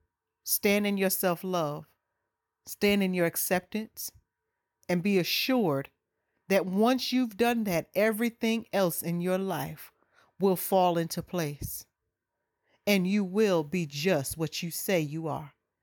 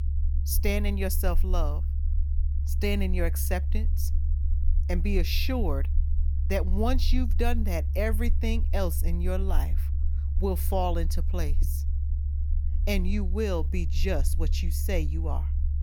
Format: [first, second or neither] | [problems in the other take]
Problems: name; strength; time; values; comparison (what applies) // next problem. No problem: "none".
first | low rumble; noticeable; throughout; 15 dB below the speech